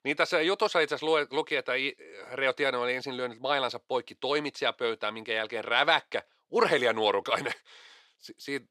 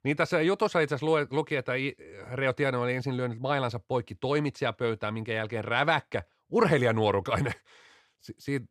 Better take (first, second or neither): second